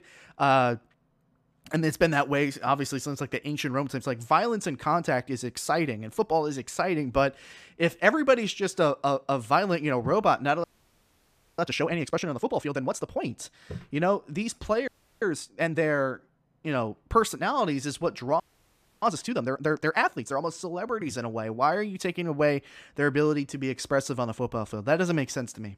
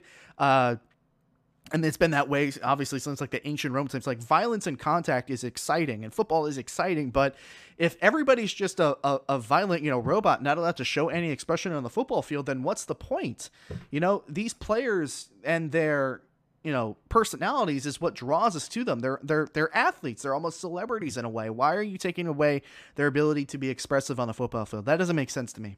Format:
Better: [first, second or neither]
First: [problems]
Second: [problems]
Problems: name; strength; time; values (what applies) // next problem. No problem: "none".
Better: second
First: audio freezing; at 11 s for 1 s, at 15 s and at 18 s for 0.5 s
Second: none